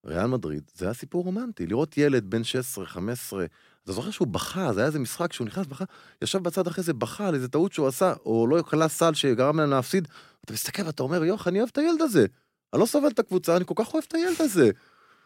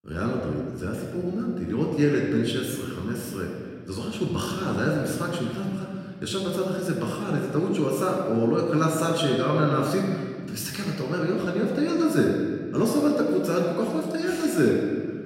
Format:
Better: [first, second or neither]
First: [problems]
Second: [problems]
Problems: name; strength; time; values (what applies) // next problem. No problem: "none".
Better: first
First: none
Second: off-mic speech; somewhat distant // room echo; noticeable; dies away in 1.8 s